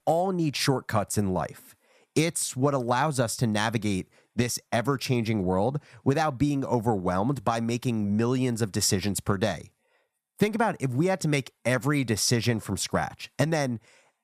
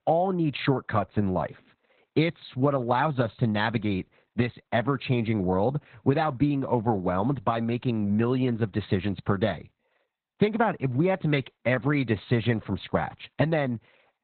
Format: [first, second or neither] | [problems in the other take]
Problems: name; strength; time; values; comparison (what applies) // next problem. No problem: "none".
first | garbled, watery; badly; nothing above 4 kHz